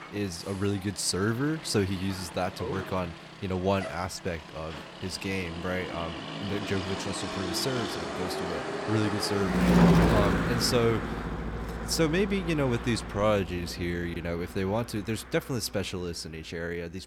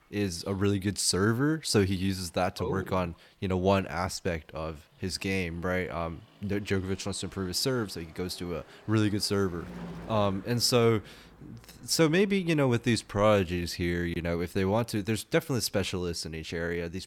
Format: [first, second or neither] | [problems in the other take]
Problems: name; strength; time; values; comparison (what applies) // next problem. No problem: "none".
second | traffic noise; loud; throughout; as loud as the speech; faint in the second